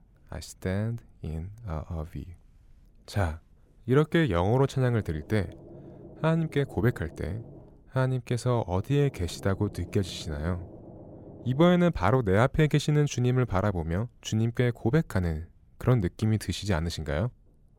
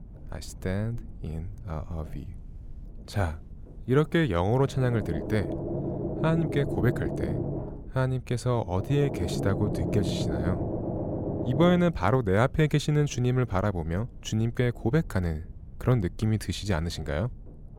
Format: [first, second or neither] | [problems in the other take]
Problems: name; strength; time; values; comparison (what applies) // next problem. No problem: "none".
first | low rumble; loud; throughout; 5 dB below the speech; faint in the first